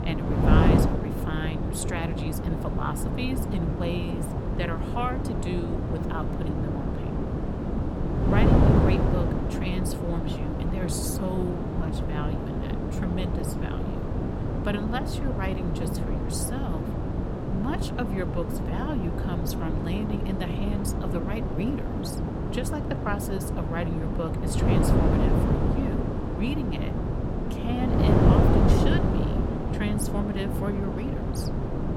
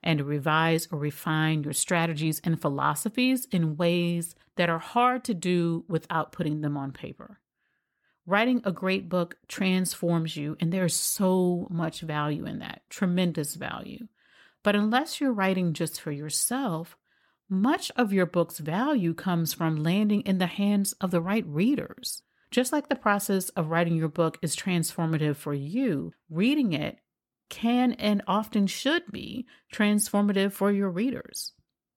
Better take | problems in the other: second | wind noise on the microphone; heavy; 3 dB above the speech

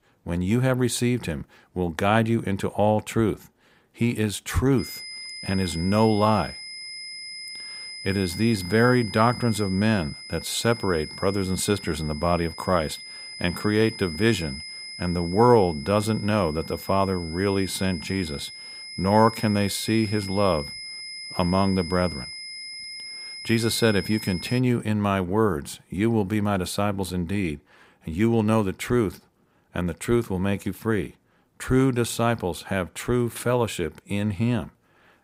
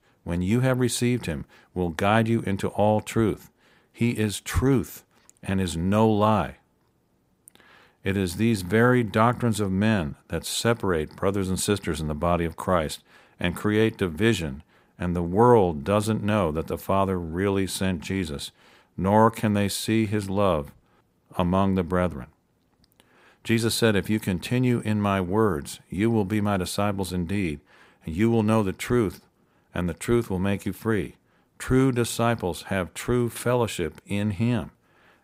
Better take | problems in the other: second | high-pitched whine; noticeable; from 5 to 25 s; 5 kHz, 10 dB below the speech

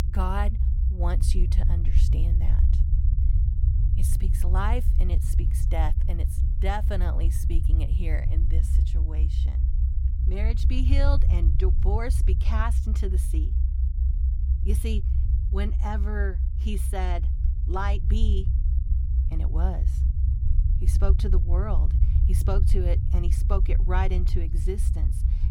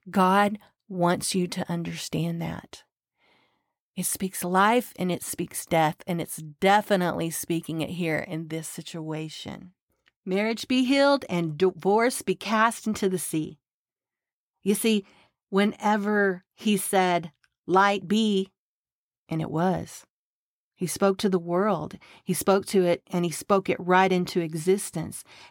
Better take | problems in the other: second | low rumble; loud; throughout; 7 dB below the speech

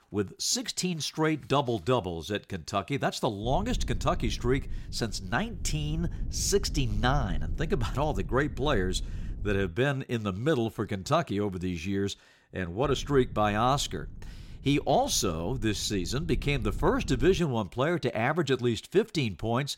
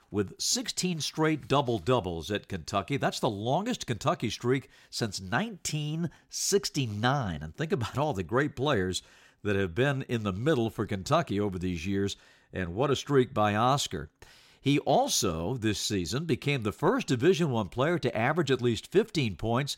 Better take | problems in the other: second | low rumble; faint; from 3.5 to 9.5 s and from 13 to 17 s; 25 dB below the speech

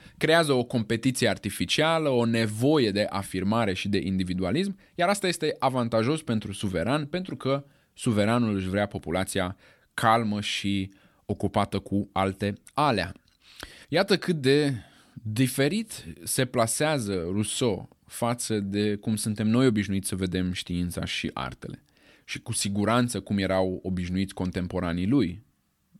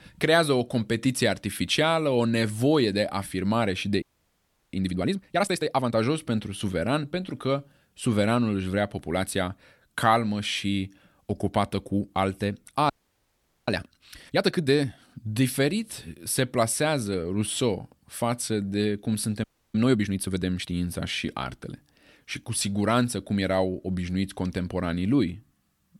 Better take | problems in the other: first | audio freezing; at 4 s for 0.5 s, at 13 s for 1 s and at 19 s

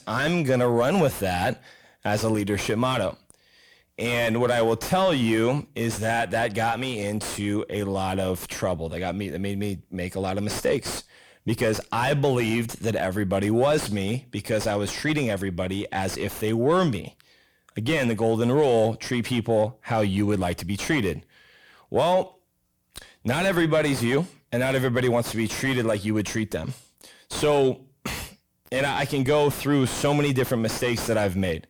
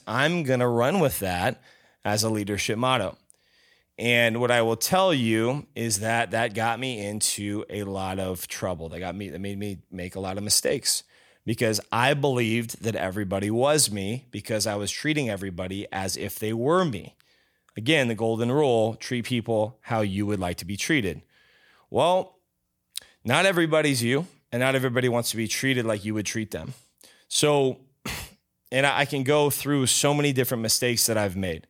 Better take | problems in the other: second | distortion; heavy; 6 dB below the speech

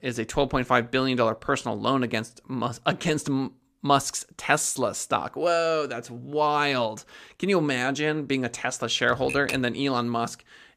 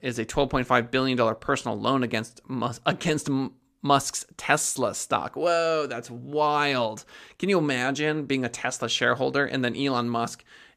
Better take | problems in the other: second | keyboard typing; noticeable; at 9 s; peak 6 dB below the speech

